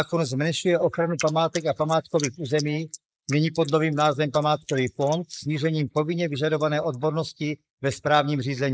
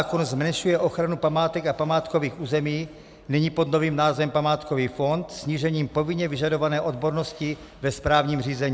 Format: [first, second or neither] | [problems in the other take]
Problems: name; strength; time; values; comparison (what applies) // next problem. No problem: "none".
second | noise reduction (neural mask model Resemble Enhance denoiser)